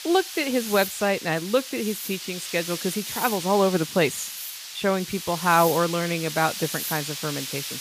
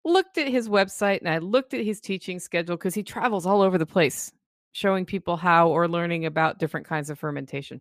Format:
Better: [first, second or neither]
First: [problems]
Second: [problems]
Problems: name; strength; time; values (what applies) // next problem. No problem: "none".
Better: second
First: hiss; loud; throughout; 7 dB below the speech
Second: none